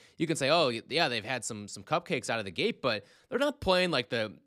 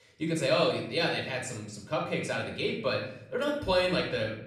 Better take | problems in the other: first | off-mic speech; far // room echo; noticeable; dies away in 0.9 s

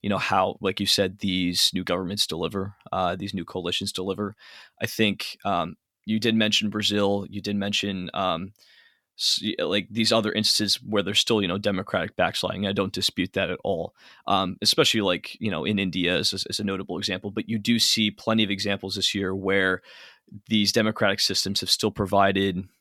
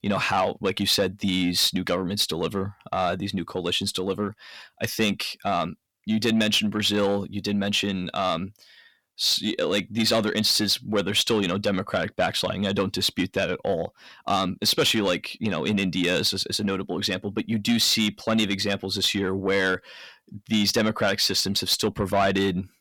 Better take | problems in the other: first | distortion; slight; 10 dB below the speech

